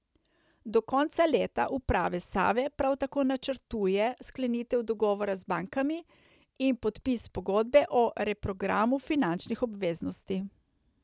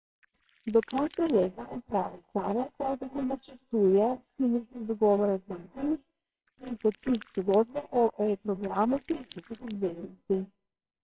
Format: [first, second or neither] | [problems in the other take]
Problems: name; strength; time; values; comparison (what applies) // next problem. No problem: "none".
first | noise reduction (neural separator model SepFormer WHAMR!)